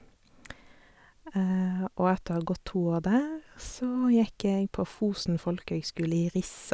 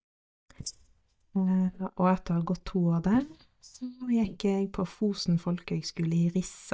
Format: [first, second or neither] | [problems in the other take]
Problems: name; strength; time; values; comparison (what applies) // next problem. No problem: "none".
first | noise reduction (neural mask model DeepFilterNet 3)